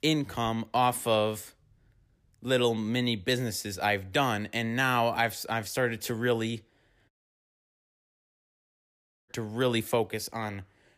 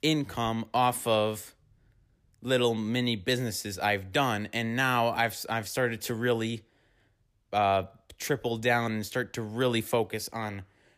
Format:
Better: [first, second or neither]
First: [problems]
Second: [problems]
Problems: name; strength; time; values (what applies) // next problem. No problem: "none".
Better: second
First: audio cutting out; at 7 s for 2 s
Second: none